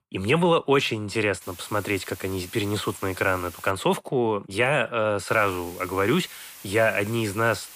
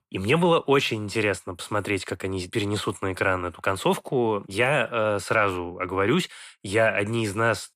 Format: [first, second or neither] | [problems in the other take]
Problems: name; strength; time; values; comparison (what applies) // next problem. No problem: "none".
second | hiss; noticeable; from 1.5 to 3.5 s and from 5.5 s on; 15 dB below the speech